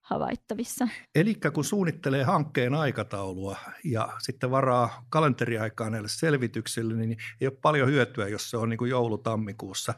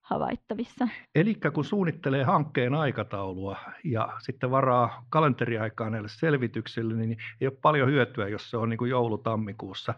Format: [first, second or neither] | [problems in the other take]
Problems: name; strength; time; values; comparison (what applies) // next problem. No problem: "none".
first | muffled; slightly; fading above 3.5 kHz